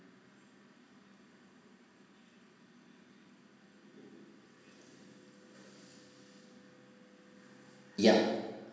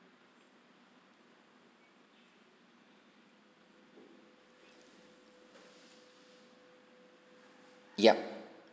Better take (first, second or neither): second